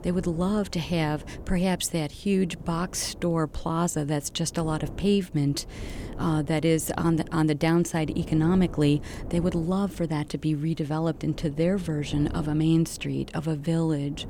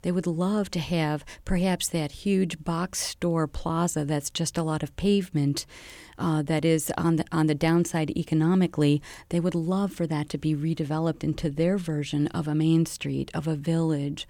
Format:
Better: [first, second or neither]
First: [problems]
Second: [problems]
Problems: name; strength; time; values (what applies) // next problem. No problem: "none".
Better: second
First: wind noise on the microphone; occasional gusts; 20 dB below the speech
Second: none